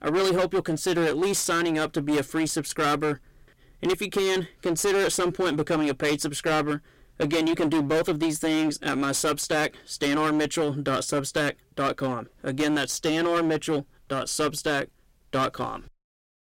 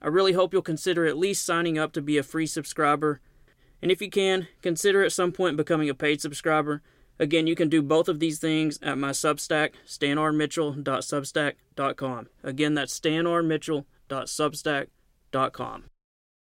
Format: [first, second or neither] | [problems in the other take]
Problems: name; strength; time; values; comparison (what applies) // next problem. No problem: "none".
second | distortion; heavy; 17% of the sound clipped